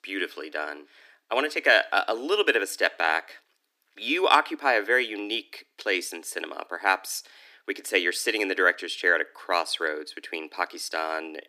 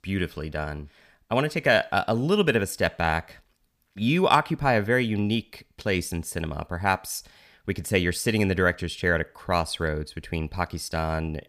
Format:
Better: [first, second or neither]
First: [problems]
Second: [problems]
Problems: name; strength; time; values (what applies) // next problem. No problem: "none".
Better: second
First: thin; very; fading below 300 Hz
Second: none